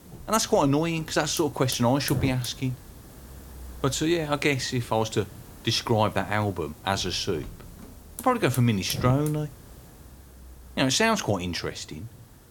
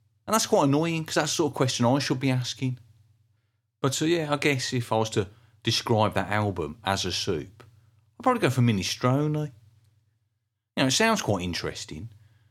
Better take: second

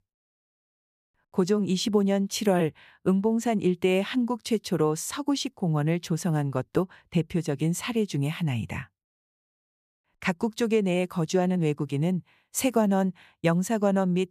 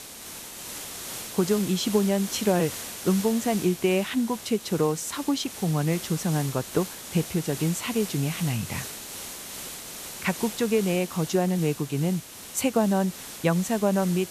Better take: first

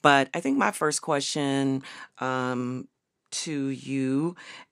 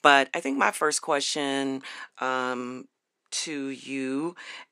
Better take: first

